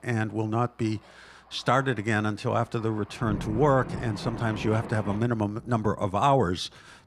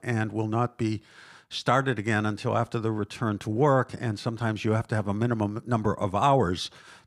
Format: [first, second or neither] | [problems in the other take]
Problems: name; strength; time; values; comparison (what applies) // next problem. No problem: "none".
second | rain or running water; noticeable; throughout; 10 dB below the speech